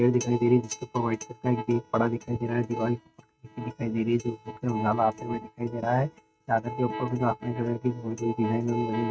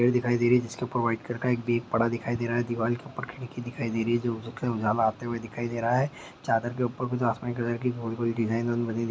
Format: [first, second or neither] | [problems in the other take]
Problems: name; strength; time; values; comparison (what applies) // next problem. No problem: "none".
second | noise reduction (neural mask model RNNoise)